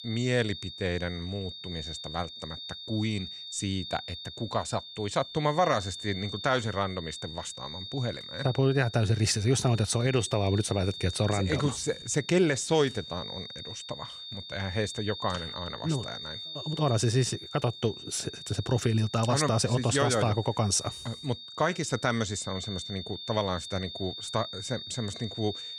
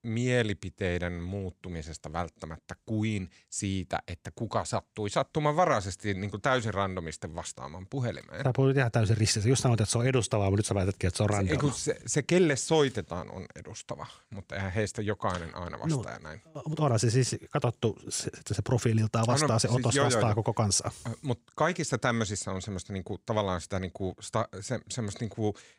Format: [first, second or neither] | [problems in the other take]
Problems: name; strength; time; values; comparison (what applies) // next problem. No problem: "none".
second | high-pitched whine; loud; throughout; 3.5 kHz, 10 dB below the speech